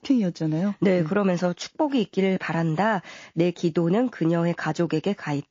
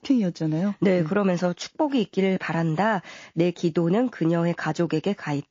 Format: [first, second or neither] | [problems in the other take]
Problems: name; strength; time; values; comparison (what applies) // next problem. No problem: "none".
neither | garbled, watery; slightly; the same in both